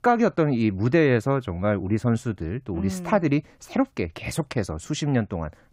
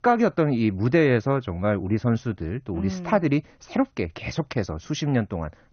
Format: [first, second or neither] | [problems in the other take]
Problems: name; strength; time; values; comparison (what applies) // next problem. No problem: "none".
first | garbled, watery; slightly; nothing above 6.5 kHz